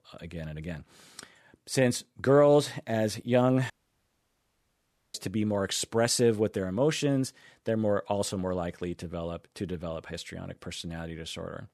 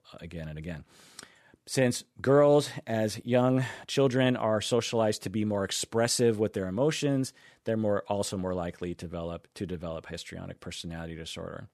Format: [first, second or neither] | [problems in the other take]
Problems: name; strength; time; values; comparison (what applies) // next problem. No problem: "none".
second | audio cutting out; at 3.5 s for 1.5 s